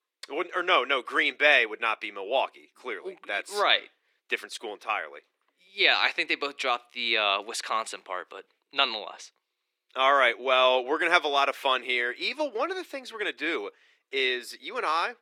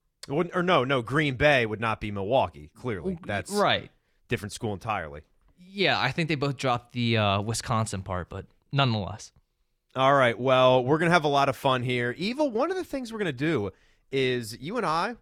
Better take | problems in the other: second | thin; very; fading below 350 Hz

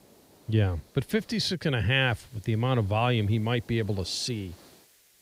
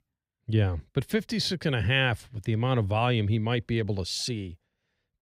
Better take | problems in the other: second | hiss; faint; throughout; 25 dB below the speech

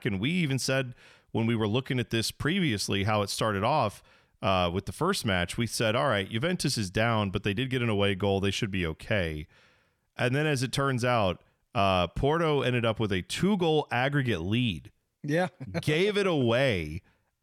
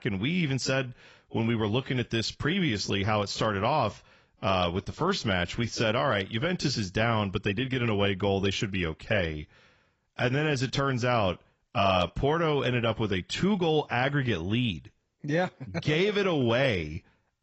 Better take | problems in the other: first | garbled, watery; badly; nothing above 8 kHz

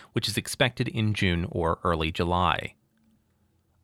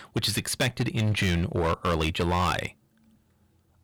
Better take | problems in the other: first | distortion; heavy; 10% of the sound clipped

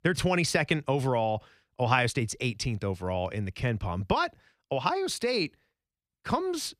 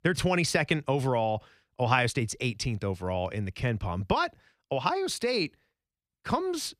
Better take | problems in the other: neither | none

